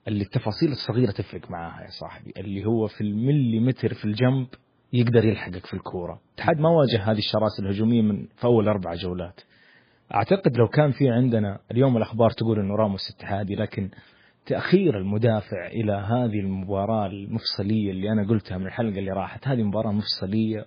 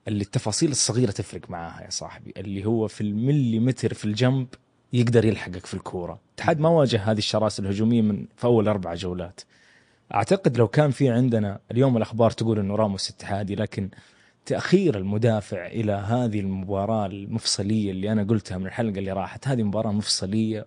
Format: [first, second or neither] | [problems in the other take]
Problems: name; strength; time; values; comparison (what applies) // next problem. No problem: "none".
second | garbled, watery; badly; slightly in the second